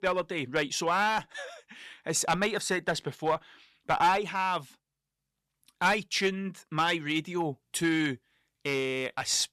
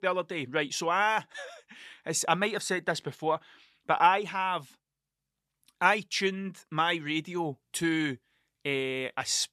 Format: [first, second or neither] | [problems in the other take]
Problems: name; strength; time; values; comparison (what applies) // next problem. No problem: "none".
second | distortion; slight; 2% of the sound clipped